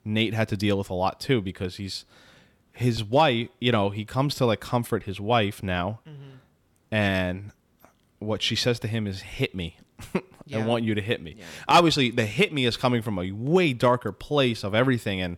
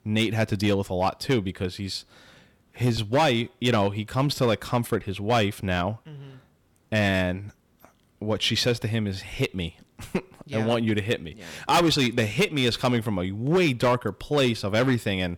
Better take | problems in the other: first | distortion; slight; 5% of the sound clipped

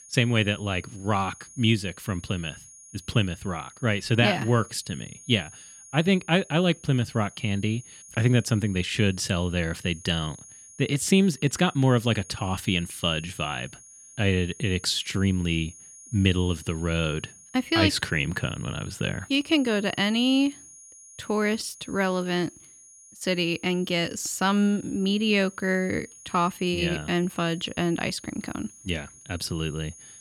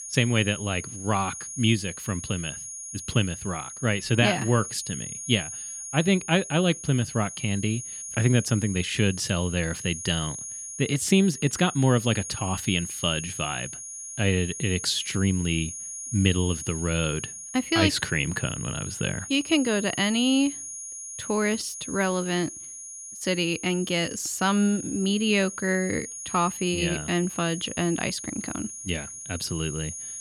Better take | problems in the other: first | high-pitched whine; loud; throughout; 6.5 kHz, 9 dB below the speech; faint in the first

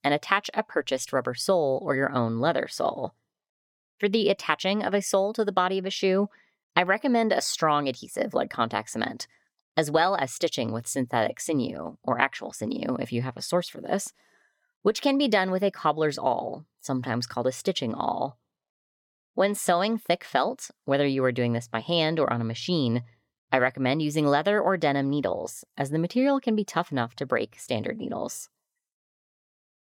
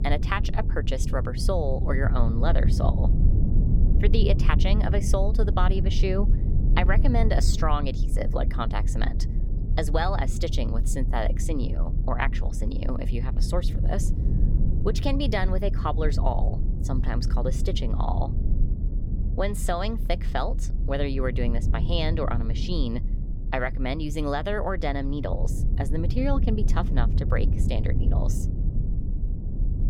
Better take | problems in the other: first | low rumble; noticeable; throughout; 10 dB below the speech

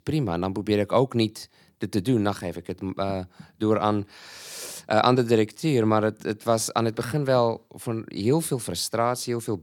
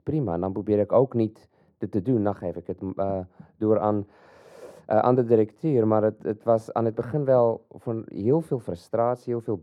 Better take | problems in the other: first | muffled; very; fading above 2 kHz

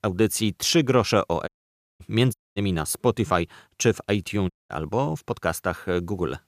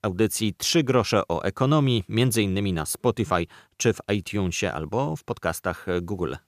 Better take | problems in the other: second | audio cutting out; at 1.5 s for 0.5 s, at 2.5 s and at 4.5 s

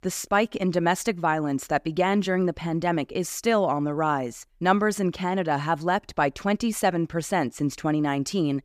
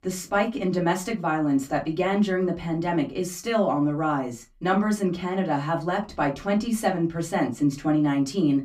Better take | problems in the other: first | off-mic speech; far // room echo; very slight; dies away in 0.2 s

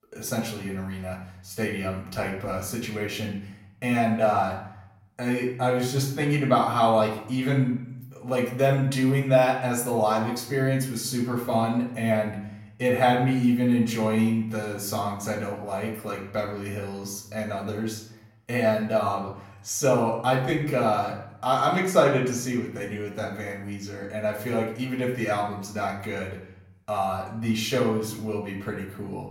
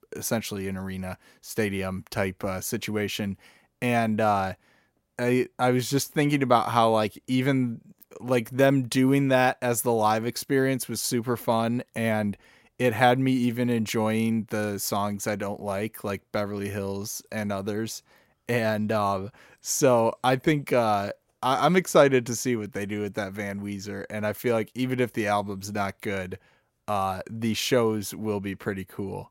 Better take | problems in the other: second | off-mic speech; far // room echo; slight; dies away in 0.6 s

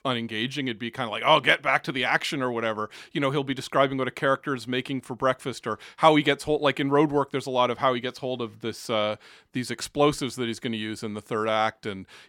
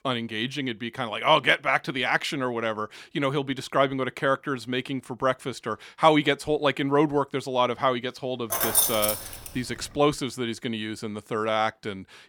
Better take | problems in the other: first | jangling keys; loud; at 8.5 s; peak 5 dB above the speech

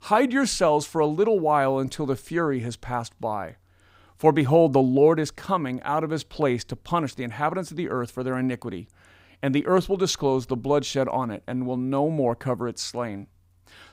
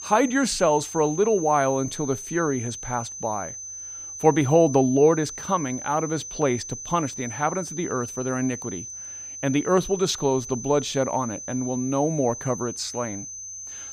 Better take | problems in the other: first | high-pitched whine; loud; throughout; 6 kHz, 10 dB below the speech

